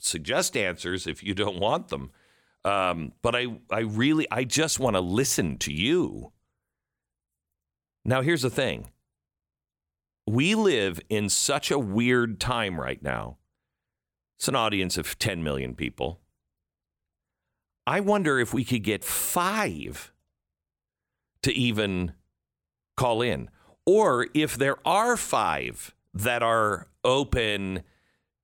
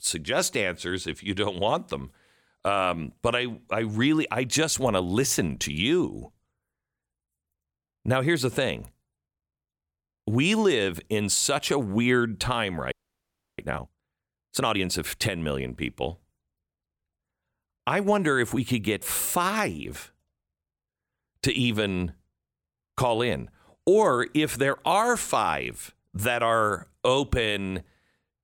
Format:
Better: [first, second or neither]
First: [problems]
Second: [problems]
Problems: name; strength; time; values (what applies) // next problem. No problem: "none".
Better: first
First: none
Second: audio freezing; at 13 s for 0.5 s